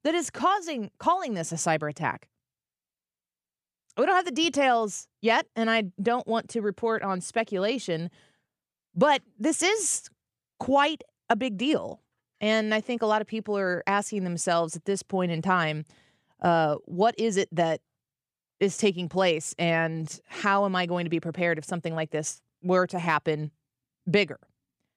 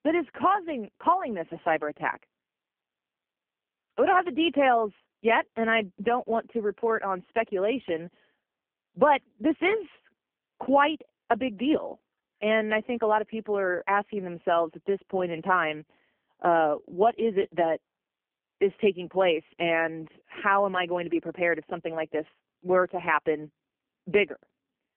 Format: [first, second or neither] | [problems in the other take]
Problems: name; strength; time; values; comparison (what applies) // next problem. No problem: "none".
first | phone-call audio; poor line; nothing above 3 kHz